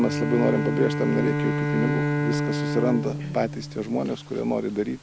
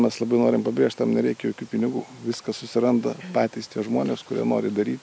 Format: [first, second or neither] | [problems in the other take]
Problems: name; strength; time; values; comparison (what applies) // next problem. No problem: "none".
second | background sound (Bowed string instrument); 1 dB below the speech